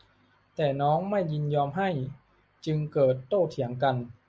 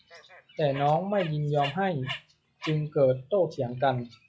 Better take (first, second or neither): first